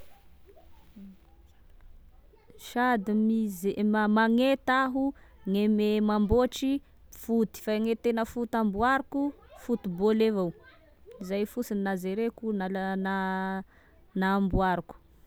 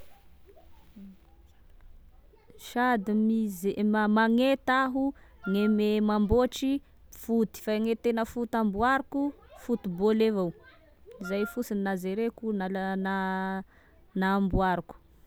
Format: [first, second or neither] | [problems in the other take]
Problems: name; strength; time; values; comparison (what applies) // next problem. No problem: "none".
first | background sound (Wind instrument, woodwind instrument); 16 dB below the speech